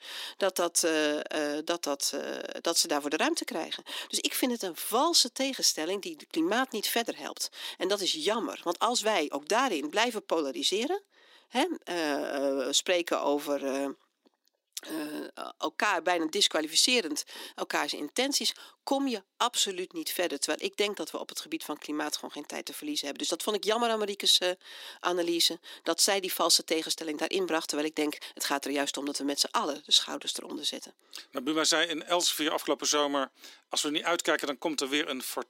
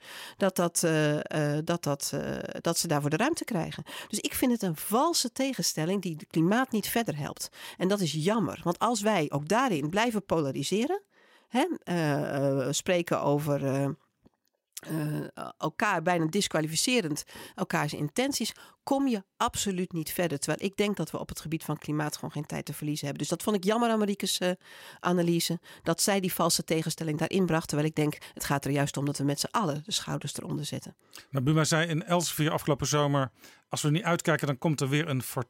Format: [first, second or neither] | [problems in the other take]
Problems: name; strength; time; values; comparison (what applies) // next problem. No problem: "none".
second | thin; very slightly; fading below 250 Hz